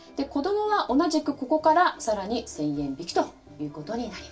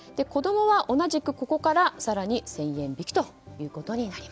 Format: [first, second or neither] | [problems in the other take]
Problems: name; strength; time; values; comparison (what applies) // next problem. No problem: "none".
second | room echo; dies away in 0.2 s